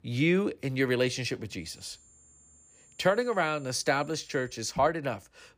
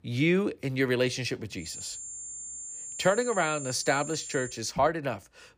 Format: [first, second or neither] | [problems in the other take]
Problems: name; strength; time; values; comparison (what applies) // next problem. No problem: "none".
first | high-pitched whine; loud; from 1.5 to 4.5 s; 7.5 kHz, 9 dB below the speech; faint in the first